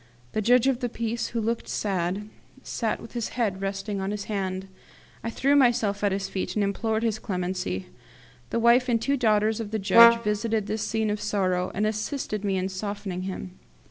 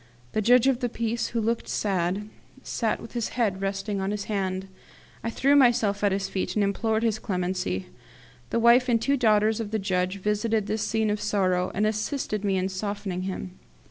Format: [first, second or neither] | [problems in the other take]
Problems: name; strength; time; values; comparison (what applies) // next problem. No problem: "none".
second | background sound (Brass instrument); 2 dB above the speech